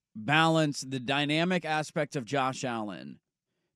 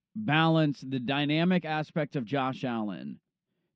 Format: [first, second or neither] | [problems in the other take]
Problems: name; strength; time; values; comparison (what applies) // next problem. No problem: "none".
first | muffled; slightly; fading above 4 kHz